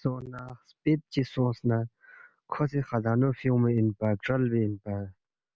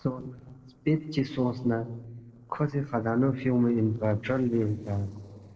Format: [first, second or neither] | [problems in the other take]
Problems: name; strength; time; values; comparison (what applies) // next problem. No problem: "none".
first | noise reduction (neural separator model SepFormer DNS4)